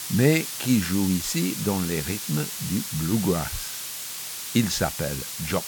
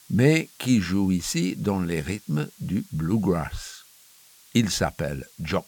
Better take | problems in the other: second | hiss; loud; throughout; 5 dB below the speech; faint in the second

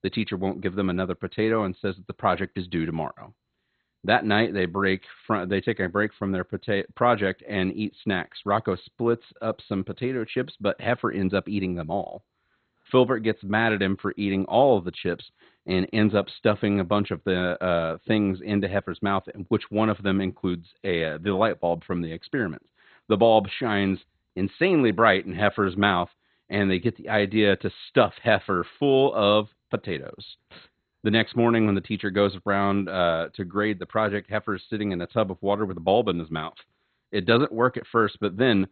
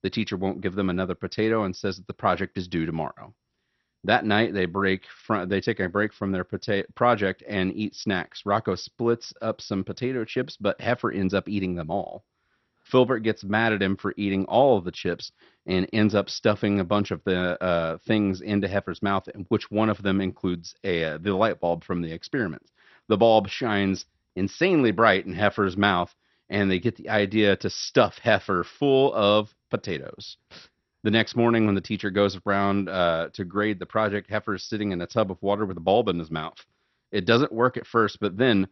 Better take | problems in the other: second | garbled, watery; badly; nothing above 4 kHz; slightly in the second

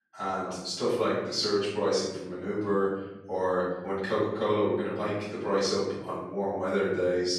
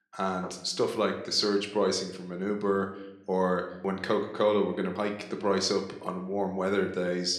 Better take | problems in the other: second | room echo; strong; dies away in 1.3 s; slight in the second // off-mic speech; far

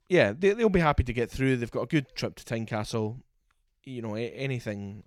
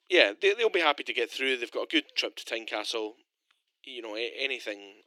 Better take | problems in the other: first | thin; very; fading below 300 Hz

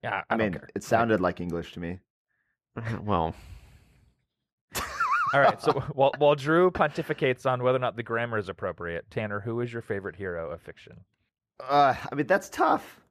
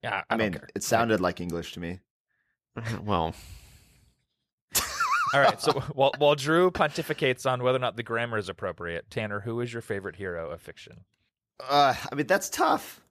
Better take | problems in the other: second | muffled; slightly; fading above 3 kHz

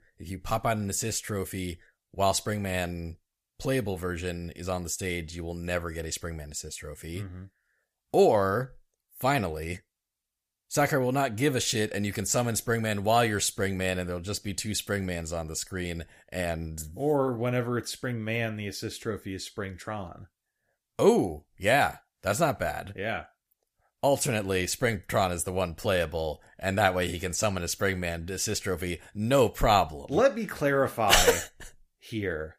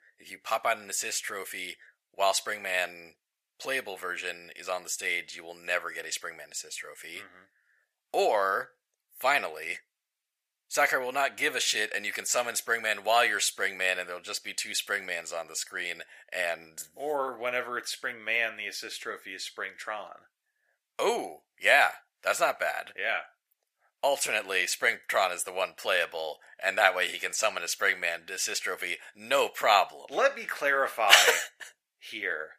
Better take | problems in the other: first | thin; very; fading below 600 Hz

